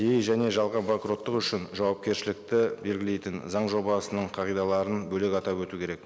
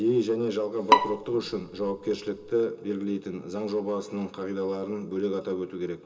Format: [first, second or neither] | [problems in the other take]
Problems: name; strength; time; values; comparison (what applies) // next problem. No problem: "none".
first | background sound (Bowed string instrument); 2 dB above the speech // room echo; dies away in 0.2 s